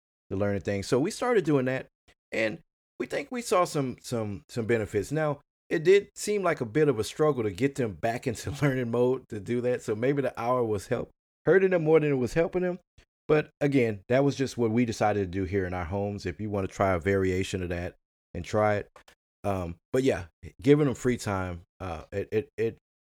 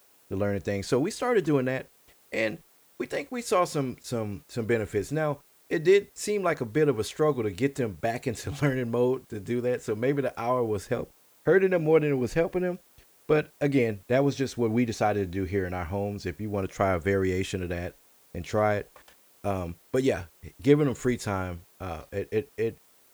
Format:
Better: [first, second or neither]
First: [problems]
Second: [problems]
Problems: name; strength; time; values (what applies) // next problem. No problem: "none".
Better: first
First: none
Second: hiss; faint; throughout; 30 dB below the speech